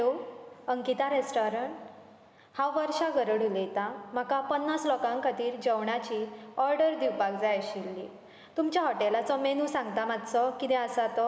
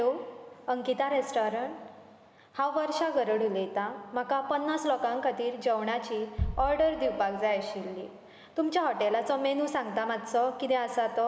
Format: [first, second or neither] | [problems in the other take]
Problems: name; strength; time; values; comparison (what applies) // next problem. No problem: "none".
first | background sound (Bass drum); 16 dB below the speech